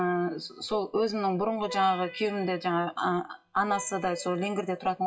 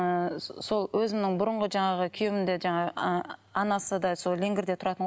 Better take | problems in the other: second | noise reduction (classical method WPE with log-MMSE)

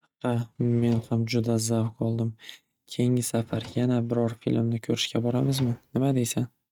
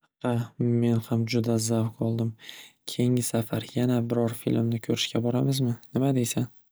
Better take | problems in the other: second | noise reduction (neural mask model RNNoise)

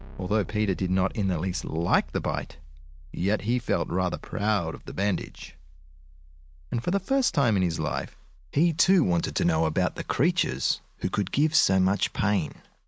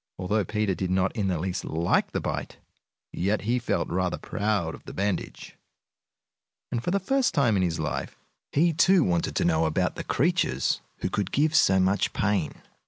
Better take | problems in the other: second | background sound (Keyboard (musical)); 18 dB below the speech

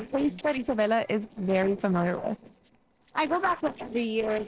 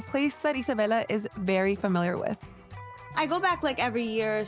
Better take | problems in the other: second | noise reduction (neural separator model SepFormer DNS4)

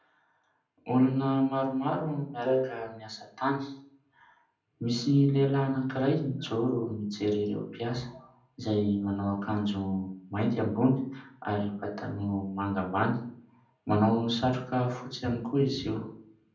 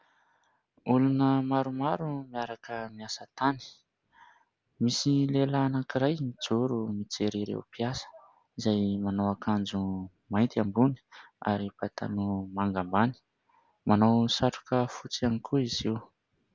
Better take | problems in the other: second | background sound (Wind instrument, woodwind instrument); 1 dB below the speech // room echo; dies away in 0.6 s

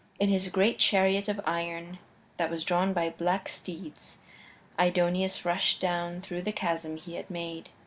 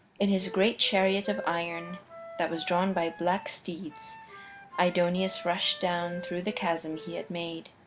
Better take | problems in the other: first | background sound (Wind instrument, woodwind instrument); 15 dB below the speech

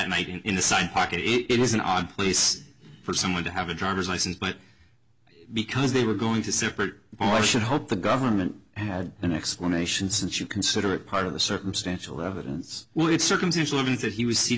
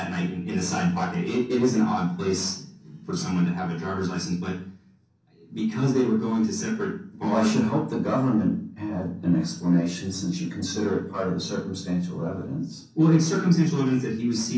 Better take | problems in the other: first | room echo; dies away in 0.6 s

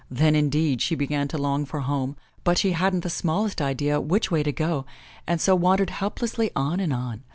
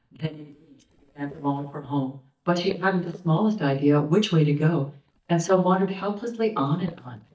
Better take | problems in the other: first | noise reduction (neural mask model DeepFilterNet 3)

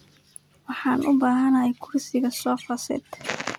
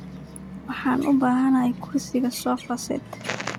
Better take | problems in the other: first | background sound (Musical instrument); 15 dB below the speech

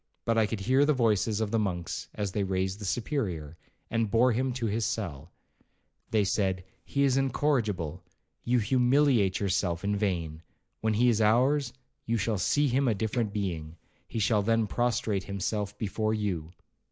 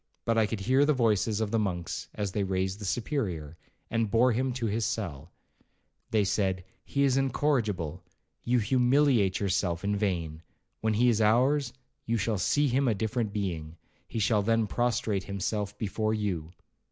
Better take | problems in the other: second | noise reduction (neural mask model Resemble Enhance denoiser)

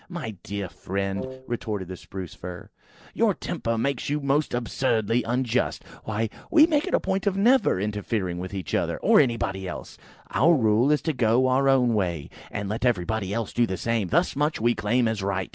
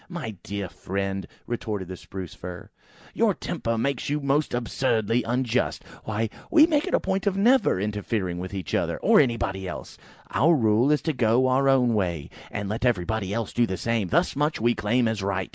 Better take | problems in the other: second | noise reduction (neural separator model SepFormer DNS4)

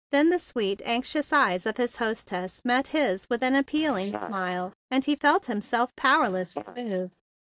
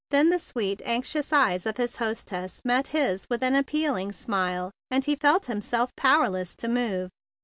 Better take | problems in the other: second | noise reduction (neural mask model DeepFilterNet 3)

